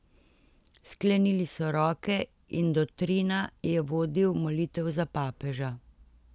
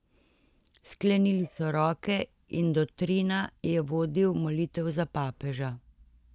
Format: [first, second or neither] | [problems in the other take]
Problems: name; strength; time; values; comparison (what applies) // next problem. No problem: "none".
first | noise reduction (neural mask model DeepFilterNet 3)